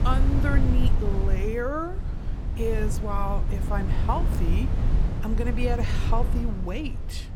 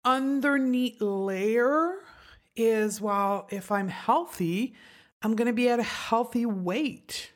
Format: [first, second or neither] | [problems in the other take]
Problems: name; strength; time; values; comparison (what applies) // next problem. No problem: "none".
second | low rumble; loud; throughout; 8 dB below the speech